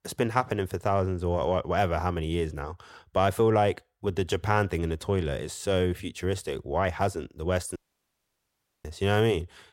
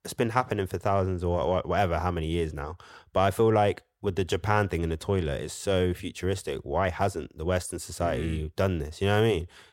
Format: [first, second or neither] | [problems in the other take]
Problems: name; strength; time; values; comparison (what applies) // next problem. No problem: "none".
second | audio cutting out; at 8 s for 1 s